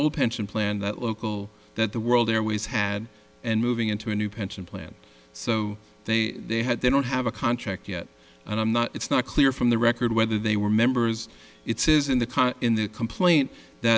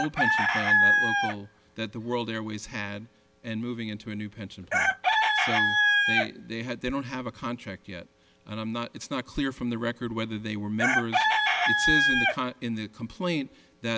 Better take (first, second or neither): first